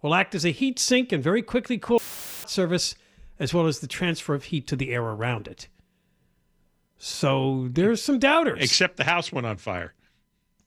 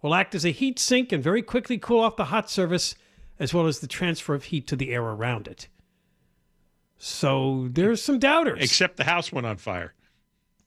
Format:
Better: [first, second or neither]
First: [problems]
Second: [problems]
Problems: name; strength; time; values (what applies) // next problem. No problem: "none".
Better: second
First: audio cutting out; filled with static; at 2 s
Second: none